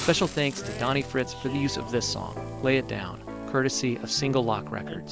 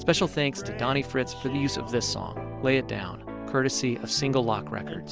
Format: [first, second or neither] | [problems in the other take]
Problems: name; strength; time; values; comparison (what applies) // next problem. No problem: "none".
second | background sound (Hiss); 19 dB below the speech